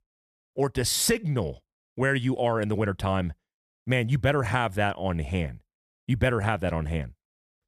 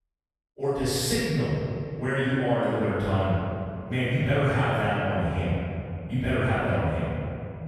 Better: first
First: none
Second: off-mic speech; far // room echo; strong; dies away in 2.5 s

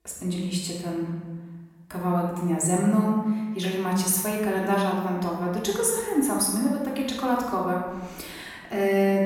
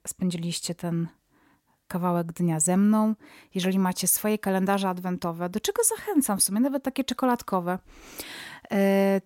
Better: second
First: off-mic speech; far // room echo; noticeable; dies away in 1.2 s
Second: none

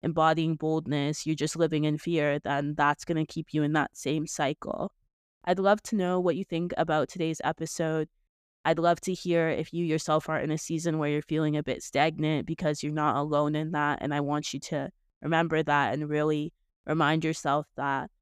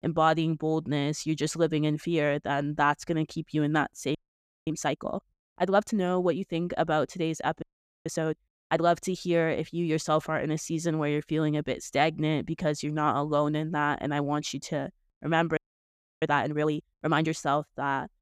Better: first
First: none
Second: audio freezing; at 4 s for 0.5 s, at 7.5 s and at 16 s for 0.5 s

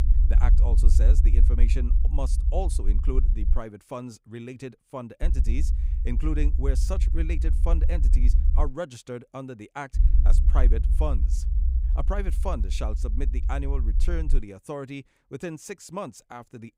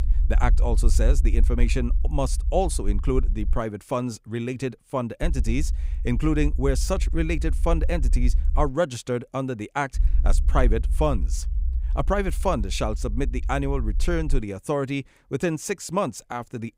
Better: second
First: low rumble; loud; until 3.5 s, from 5 to 8.5 s and from 10 to 14 s; 9 dB below the speech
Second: low rumble; faint; until 3.5 s, from 5 to 8.5 s and from 10 to 14 s; 20 dB below the speech

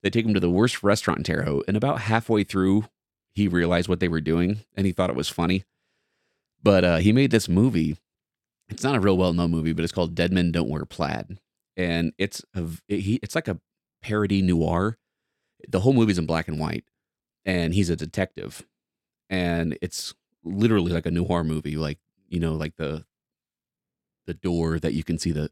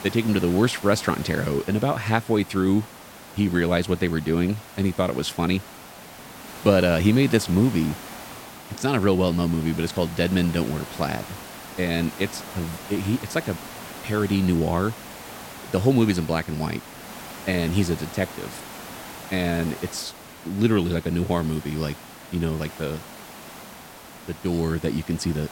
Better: first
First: none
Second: hiss; noticeable; throughout; 15 dB below the speech

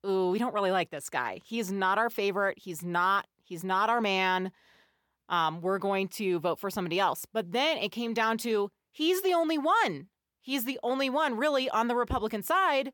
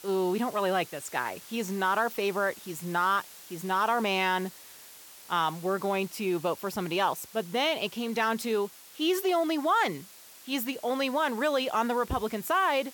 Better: first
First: none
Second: hiss; noticeable; throughout; 20 dB below the speech

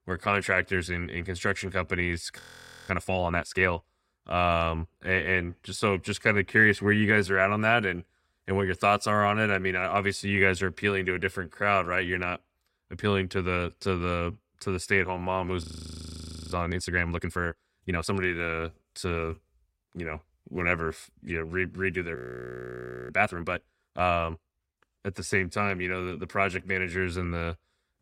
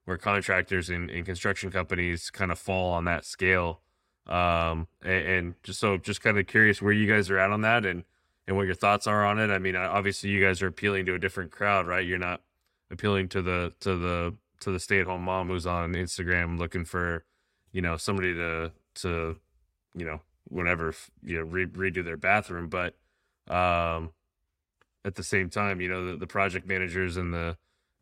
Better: second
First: audio freezing; at 2.5 s for 0.5 s, at 16 s for 1 s and at 22 s for 1 s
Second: none

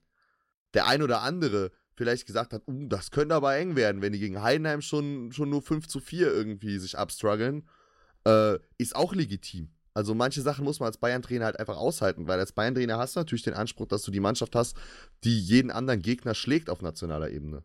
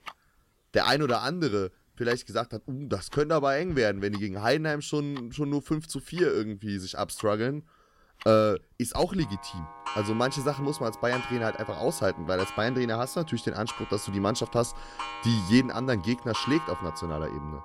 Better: first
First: none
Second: household noises; noticeable; throughout; 15 dB below the speech

